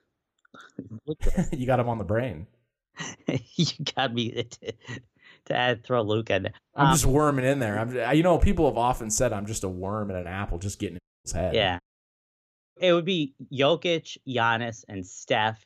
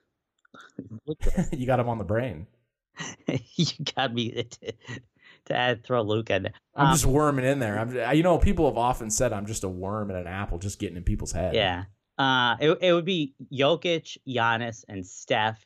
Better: second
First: audio cutting out; at 11 s and at 12 s for 1 s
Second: none

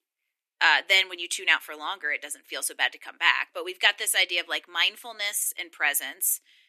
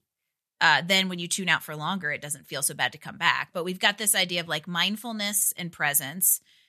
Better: second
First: thin; very; fading below 300 Hz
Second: none

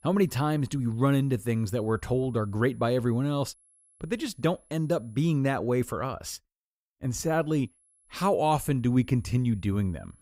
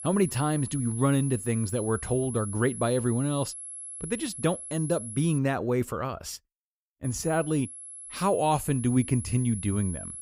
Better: first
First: high-pitched whine; faint; until 5.5 s and from 7 s on; 11 kHz, 35 dB below the speech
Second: high-pitched whine; loud; until 5.5 s and from 7 s on; 11 kHz, 10 dB below the speech

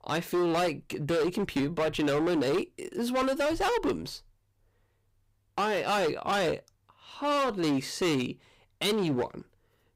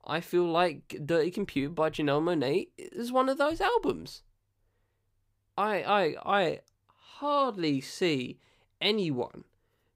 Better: second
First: distortion; heavy; 17% of the sound clipped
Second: none

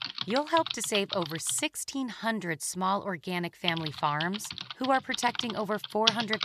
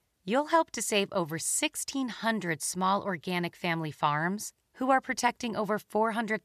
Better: second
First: household noises; loud; throughout; 3 dB below the speech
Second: none

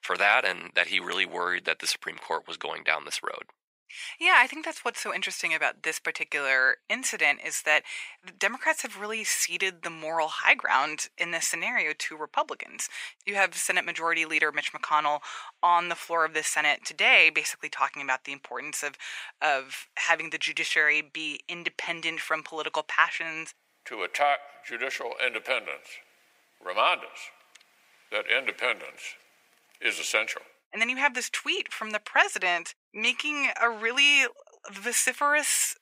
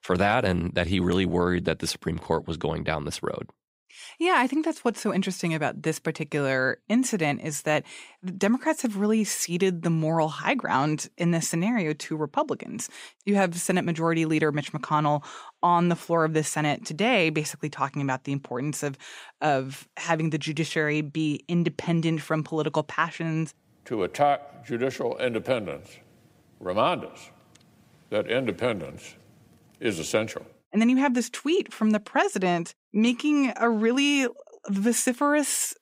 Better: second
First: thin; very; fading below 800 Hz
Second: none

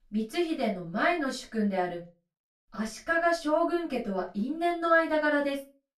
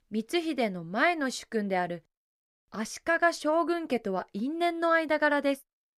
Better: second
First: off-mic speech; far // room echo; very slight; dies away in 0.2 s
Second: none

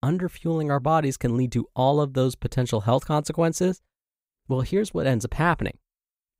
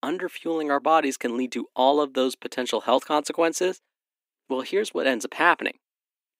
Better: first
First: none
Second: thin; somewhat; fading below 250 Hz

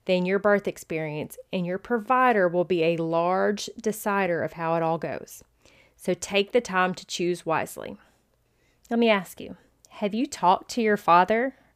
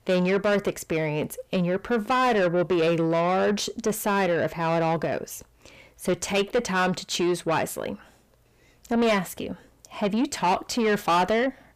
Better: first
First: none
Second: distortion; heavy; 7 dB below the speech

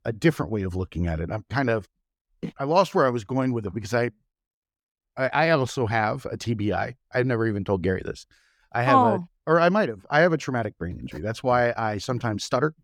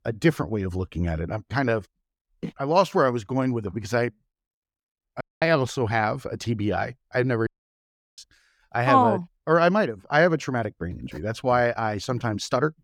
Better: first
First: none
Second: audio cutting out; at 5 s and at 7.5 s for 0.5 s

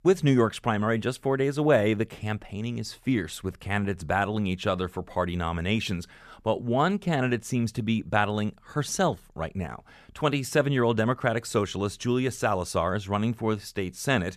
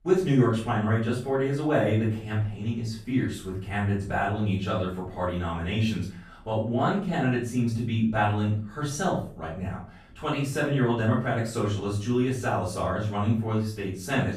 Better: first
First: none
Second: off-mic speech; far // room echo; noticeable; dies away in 0.4 s

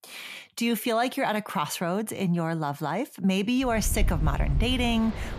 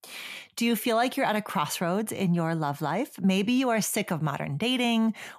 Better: second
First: rain or running water; loud; from 3.5 s on; 4 dB below the speech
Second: none

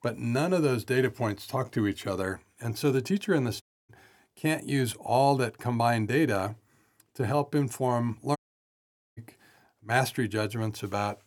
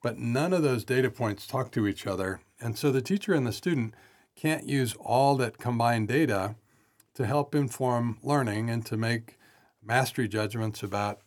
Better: second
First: audio cutting out; at 3.5 s and at 8.5 s for 1 s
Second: none

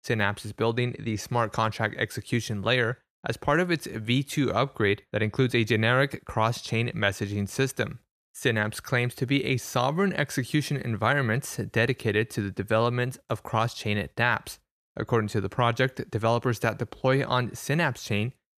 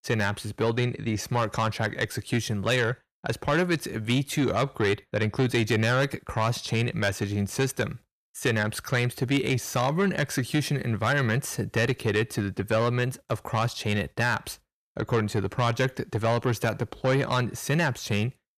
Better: first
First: none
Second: distortion; slight; 10 dB below the speech

